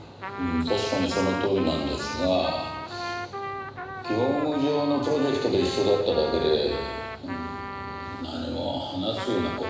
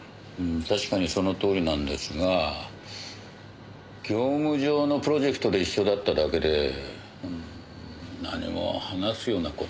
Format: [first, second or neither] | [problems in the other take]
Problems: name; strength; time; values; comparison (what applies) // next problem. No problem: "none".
second | background sound (Trumpet); 9 dB below the speech // room echo; dies away in 1 s